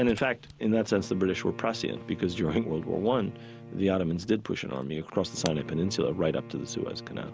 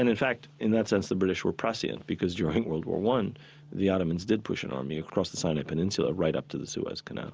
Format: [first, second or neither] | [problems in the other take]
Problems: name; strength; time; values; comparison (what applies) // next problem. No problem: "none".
second | background sound (Camera + Bowed string instrument); 15 dB below the speech